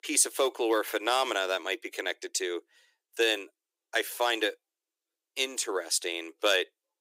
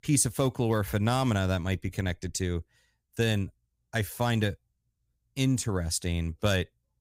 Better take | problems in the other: second | thin; very; fading below 300 Hz

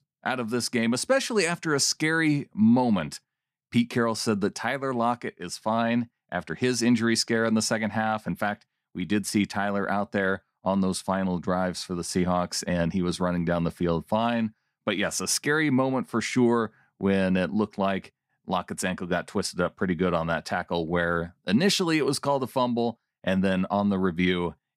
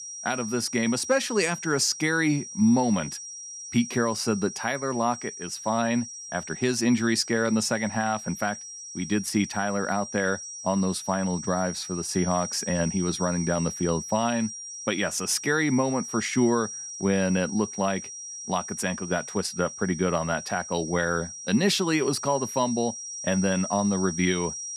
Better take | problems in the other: first | high-pitched whine; loud; throughout; 5.5 kHz, 9 dB below the speech

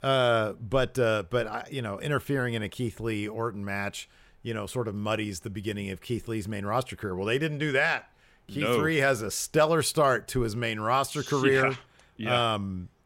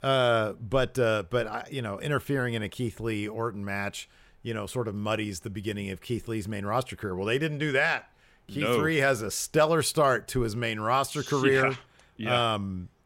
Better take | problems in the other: neither | none

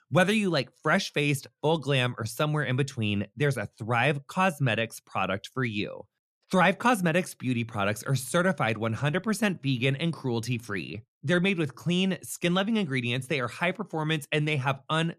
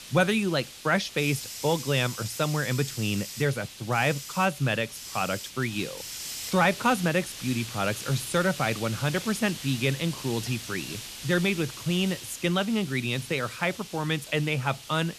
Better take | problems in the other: first | hiss; noticeable; throughout; 10 dB below the speech

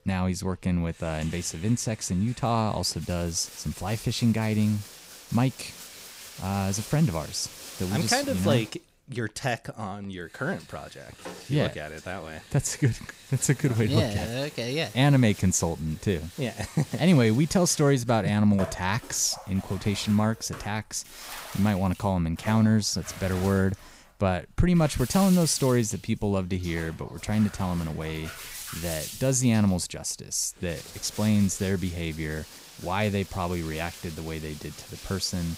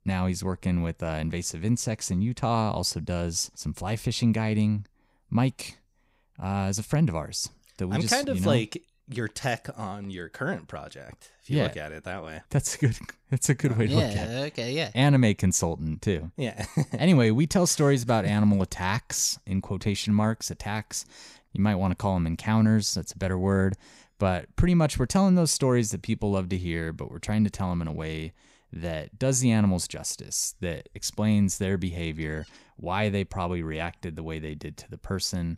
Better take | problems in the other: second | household noises; noticeable; throughout; 15 dB below the speech

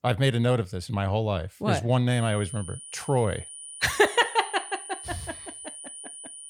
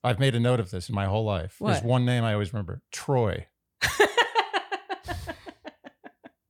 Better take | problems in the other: second | high-pitched whine; noticeable; from 2 s on; 9.5 kHz, 15 dB below the speech

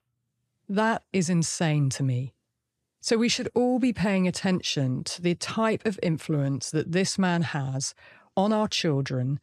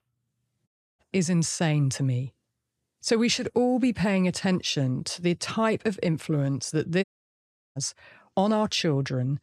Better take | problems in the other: first | audio cutting out; at 0.5 s and at 7 s for 0.5 s

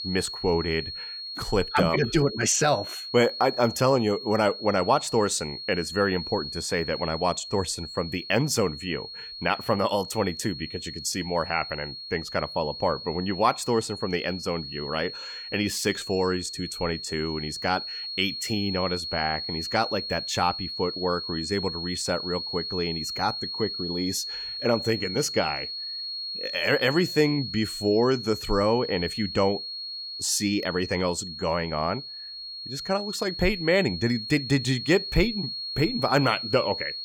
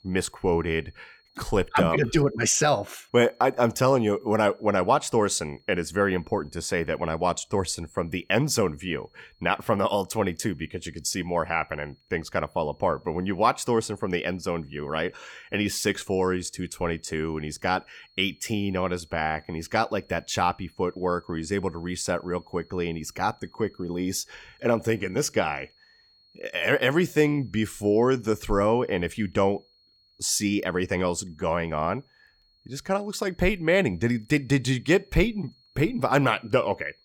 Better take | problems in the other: second | high-pitched whine; loud; throughout; 4.5 kHz, 7 dB below the speech; faint in the second

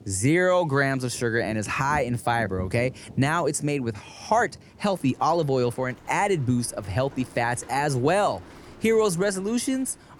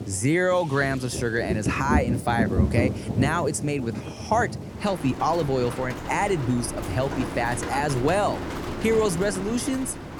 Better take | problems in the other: first | rain or running water; loud; throughout; 5 dB below the speech; faint in the first

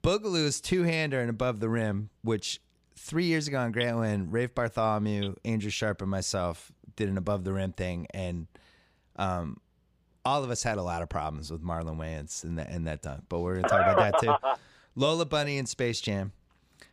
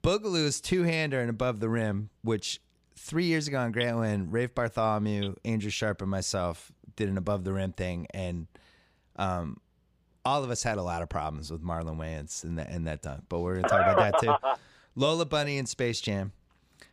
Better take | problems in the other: neither | none

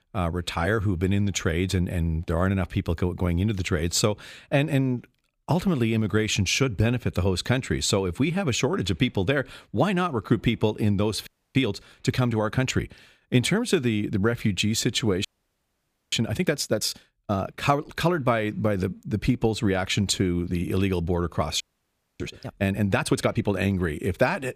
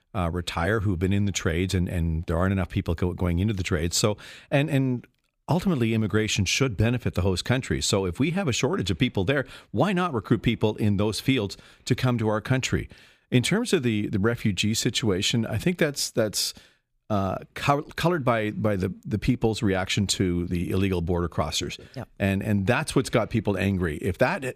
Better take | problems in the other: second | audio freezing; at 11 s, at 15 s for 1 s and at 22 s for 0.5 s

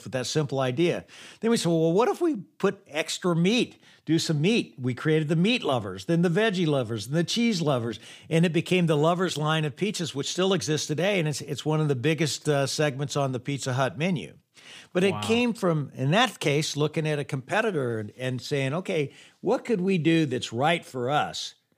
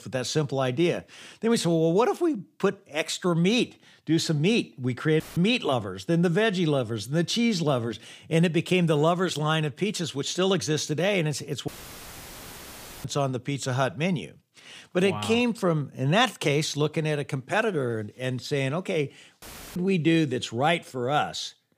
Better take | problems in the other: first | audio cutting out; filled with static; at 5 s, at 12 s for 1.5 s and at 19 s

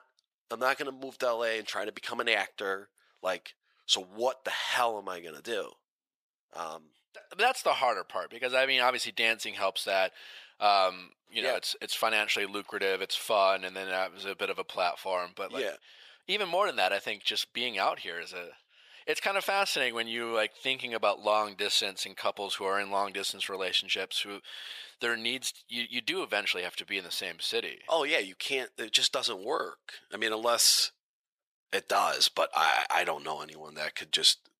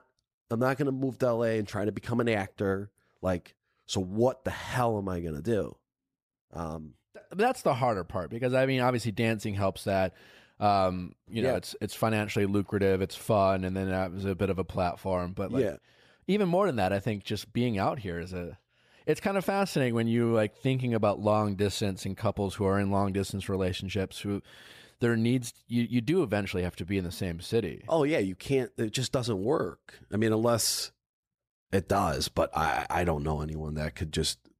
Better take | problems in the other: second | thin; very; fading below 700 Hz

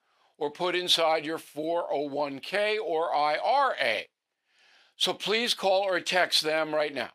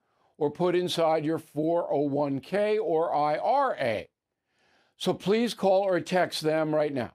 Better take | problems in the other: second | thin; somewhat; fading below 1 kHz

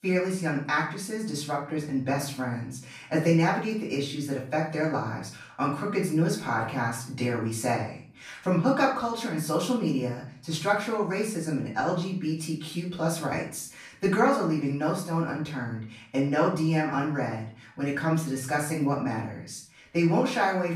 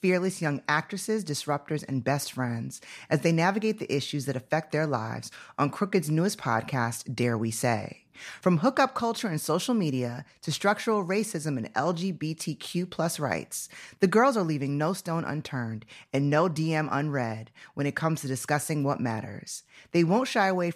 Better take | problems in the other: second | room echo; slight; dies away in 0.4 s // off-mic speech; far

